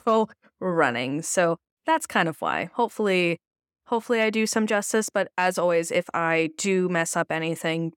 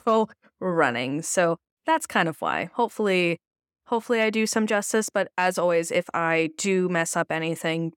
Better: neither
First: none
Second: none

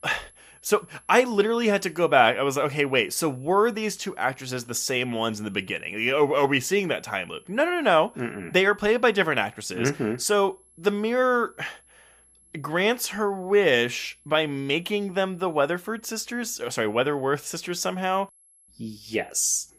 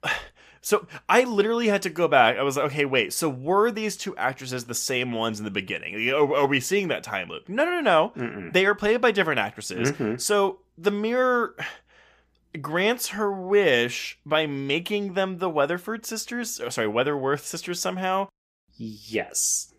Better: second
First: high-pitched whine; faint; throughout; 11 kHz, 30 dB below the speech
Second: none

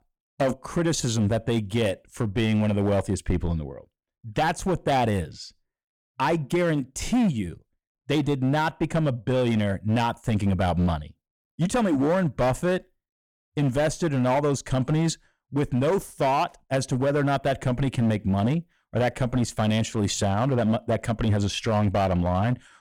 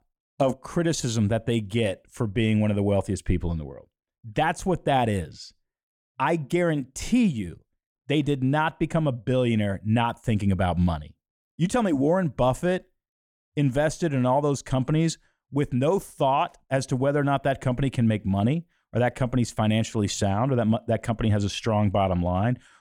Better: second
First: distortion; slight; 11% of the sound clipped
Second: none

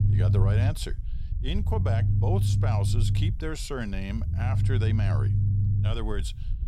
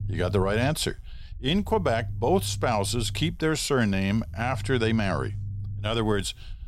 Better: second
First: low rumble; loud; throughout; 3 dB below the speech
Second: low rumble; faint; throughout; 20 dB below the speech

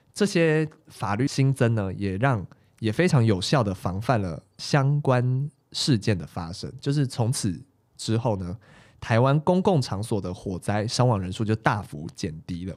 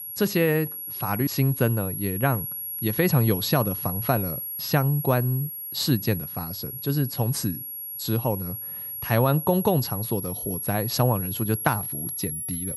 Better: first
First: none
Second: high-pitched whine; loud; throughout; 11.5 kHz, 5 dB below the speech

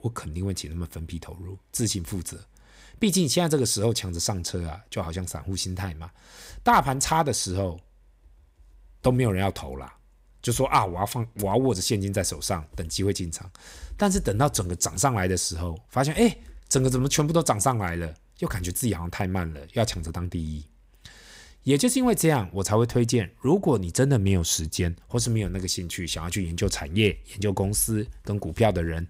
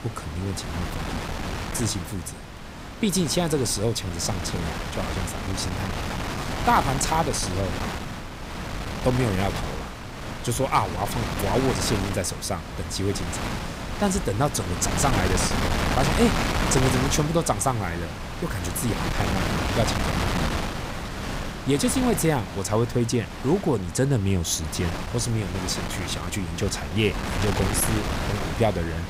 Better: first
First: none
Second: wind noise on the microphone; heavy; 3 dB below the speech

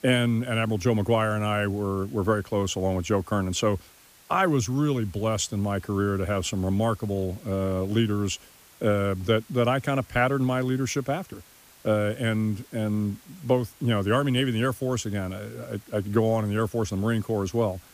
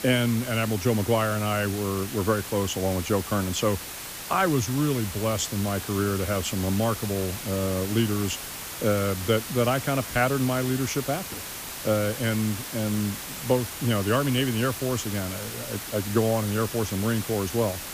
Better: first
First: hiss; faint; throughout; 25 dB below the speech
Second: hiss; loud; throughout; 8 dB below the speech

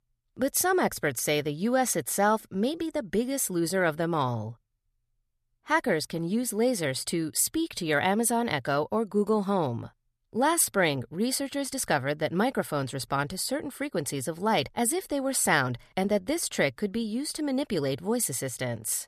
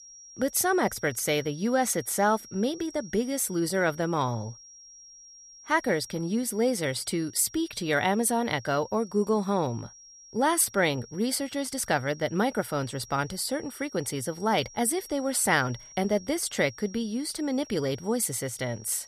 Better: first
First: none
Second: high-pitched whine; noticeable; throughout; 5.5 kHz, 20 dB below the speech

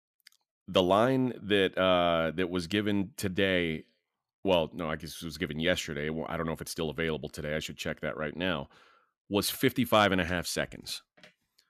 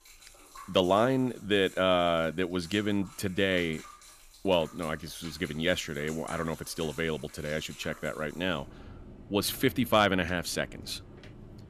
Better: first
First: none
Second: rain or running water; faint; throughout; 20 dB below the speech

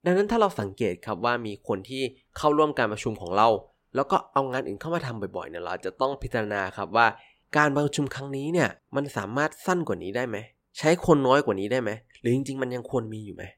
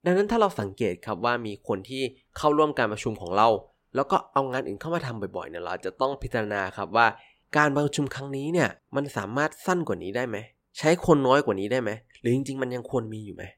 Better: neither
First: none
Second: none

